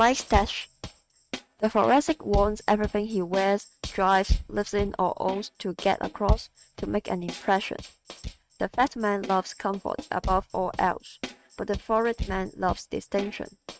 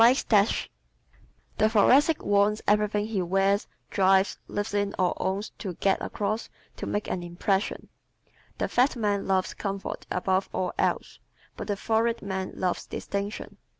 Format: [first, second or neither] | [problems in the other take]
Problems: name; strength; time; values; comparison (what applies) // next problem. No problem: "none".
second | noise reduction (neural mask model RNNoise)